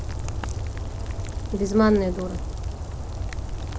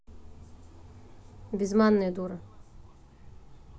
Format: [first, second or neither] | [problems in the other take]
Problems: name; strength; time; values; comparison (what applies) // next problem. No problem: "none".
second | background sound (Rain); 2 dB below the speech